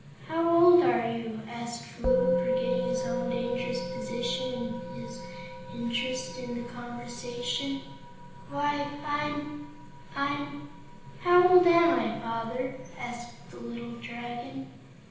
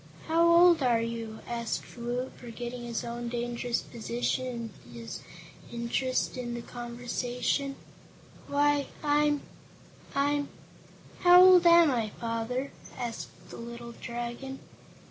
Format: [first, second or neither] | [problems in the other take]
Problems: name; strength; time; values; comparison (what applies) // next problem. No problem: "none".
second | background sound (Musical instrument); 7 dB below the speech // room echo; dies away in 0.9 s